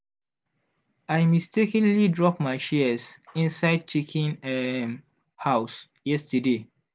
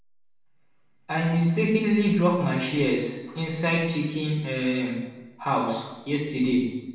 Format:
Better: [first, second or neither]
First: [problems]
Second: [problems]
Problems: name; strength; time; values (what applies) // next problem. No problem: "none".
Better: first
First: none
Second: room echo; dies away in 0.8 s